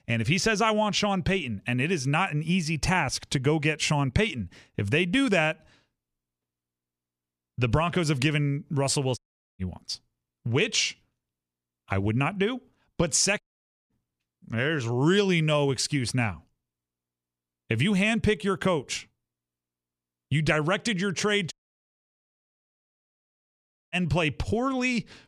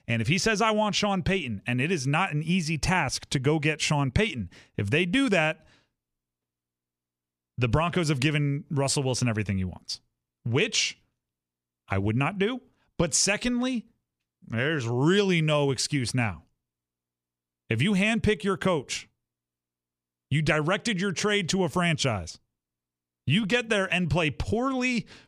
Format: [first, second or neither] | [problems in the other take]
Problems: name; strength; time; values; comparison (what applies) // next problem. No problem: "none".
second | audio cutting out; at 9 s, at 13 s and at 22 s for 2.5 s